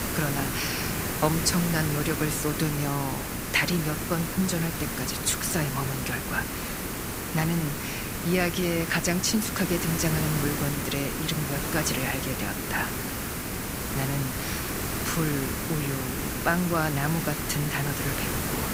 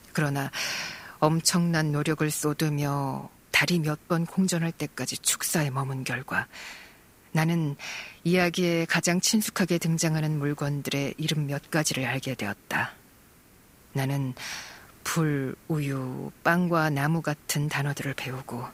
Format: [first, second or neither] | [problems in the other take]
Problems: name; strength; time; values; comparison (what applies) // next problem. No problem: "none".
second | hiss; loud; throughout; 1 dB below the speech; faint in the second